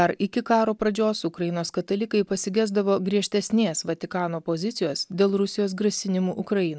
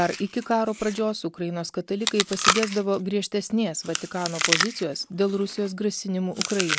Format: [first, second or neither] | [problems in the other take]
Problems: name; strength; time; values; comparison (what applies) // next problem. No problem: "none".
first | background sound (Chewing, mastication); 4 dB below the speech